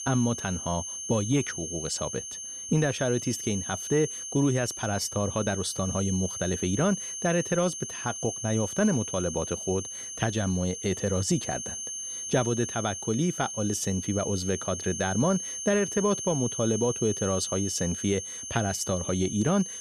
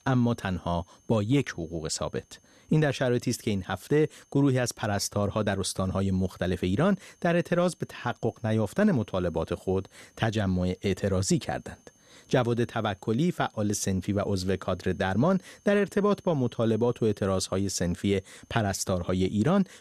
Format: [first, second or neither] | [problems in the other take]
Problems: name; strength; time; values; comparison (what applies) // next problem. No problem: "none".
second | high-pitched whine; loud; throughout; 6.5 kHz, 5 dB below the speech; faint in the second